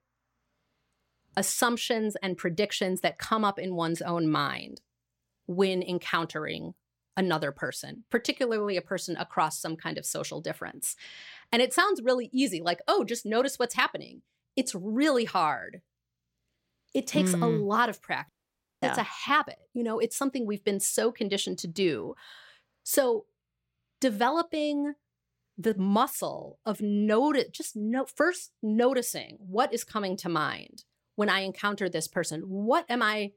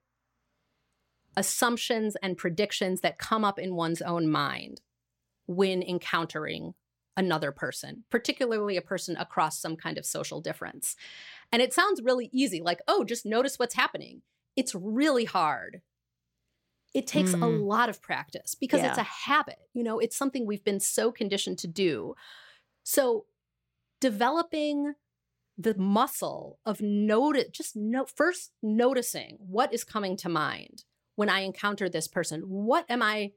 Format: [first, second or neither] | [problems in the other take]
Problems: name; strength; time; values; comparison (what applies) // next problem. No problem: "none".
second | audio cutting out; at 18 s for 0.5 s